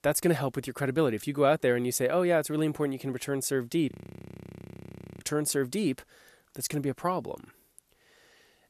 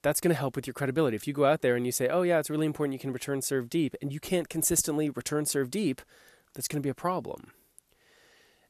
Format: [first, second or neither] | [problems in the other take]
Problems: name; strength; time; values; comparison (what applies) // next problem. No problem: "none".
second | audio freezing; at 4 s for 1.5 s